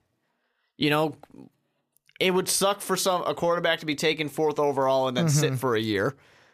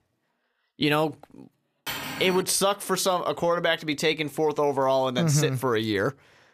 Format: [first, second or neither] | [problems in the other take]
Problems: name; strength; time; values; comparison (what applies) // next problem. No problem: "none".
first | clattering dishes; noticeable; at 2 s; peak 7 dB below the speech